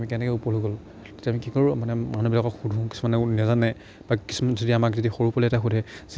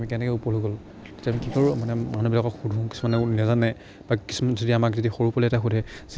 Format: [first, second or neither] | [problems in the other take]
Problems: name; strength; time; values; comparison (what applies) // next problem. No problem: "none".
first | background sound (Wind instrument, woodwind instrument + Race car, auto racing / Accelerating, revving, vroom); 19 dB below the speech